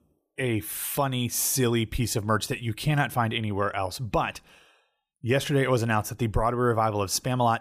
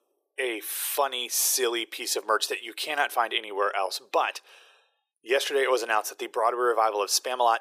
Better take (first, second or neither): first